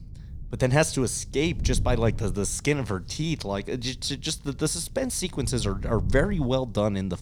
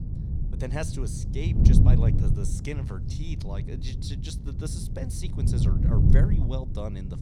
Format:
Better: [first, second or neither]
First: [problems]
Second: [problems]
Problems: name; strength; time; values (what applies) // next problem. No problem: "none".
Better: first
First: wind noise on the microphone; occasional gusts; 20 dB below the speech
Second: wind noise on the microphone; heavy; as loud as the speech